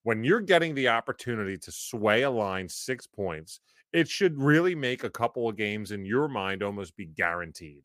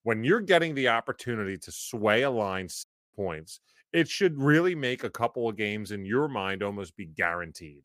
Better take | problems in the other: first | audio cutting out; at 3 s

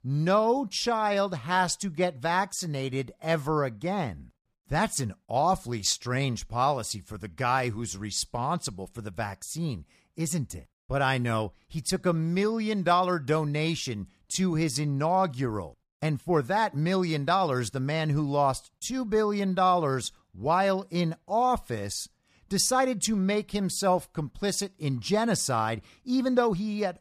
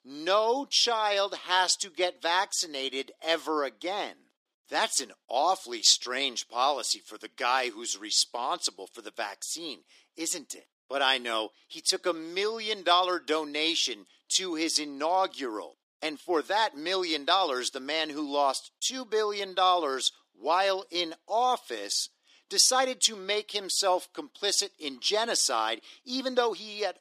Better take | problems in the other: first | thin; somewhat; fading below 300 Hz

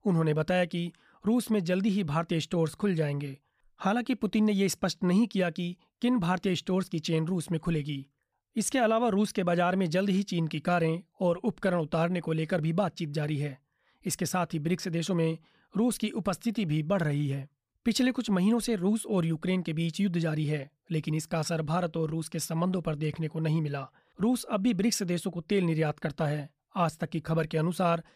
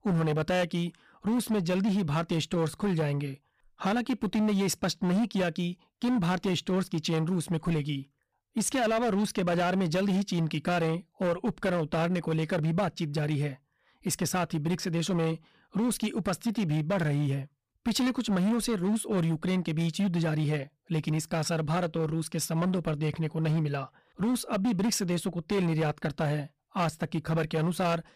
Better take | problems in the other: first | distortion; slight; 14% of the sound clipped

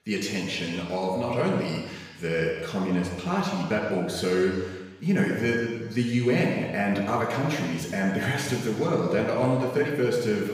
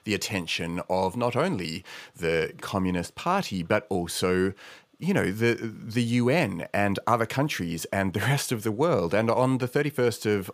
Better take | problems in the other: second | room echo; noticeable; dies away in 1.3 s // off-mic speech; far

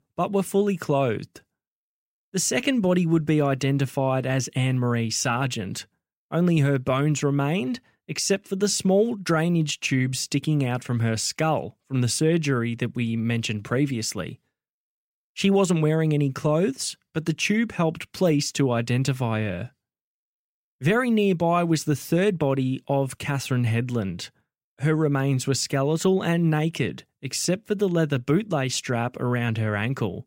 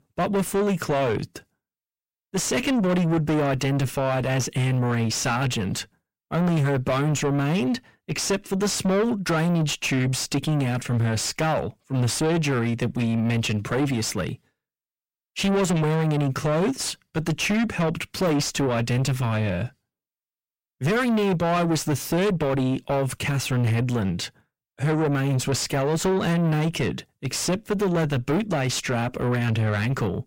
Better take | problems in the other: first | distortion; heavy; 5 dB below the speech

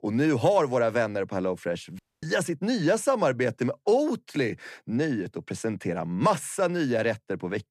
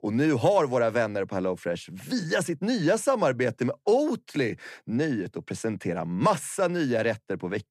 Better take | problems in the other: second | audio cutting out; at 2 s

